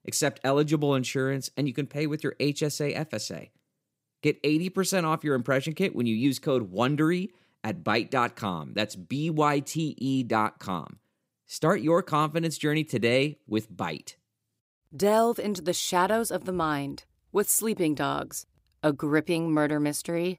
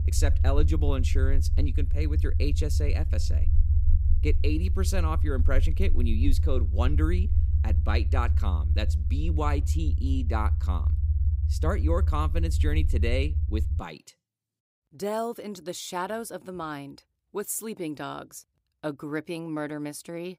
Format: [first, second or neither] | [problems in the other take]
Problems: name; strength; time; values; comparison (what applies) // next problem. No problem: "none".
first | low rumble; noticeable; until 14 s; 10 dB below the speech